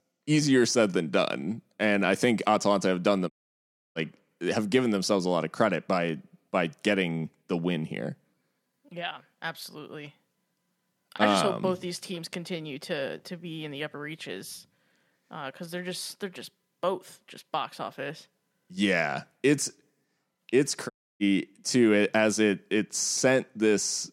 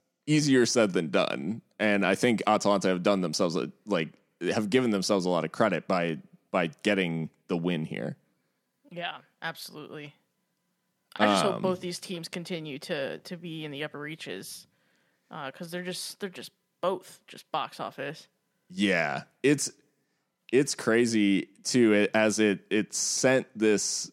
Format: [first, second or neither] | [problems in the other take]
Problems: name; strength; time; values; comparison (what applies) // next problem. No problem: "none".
second | audio cutting out; at 3.5 s for 0.5 s and at 21 s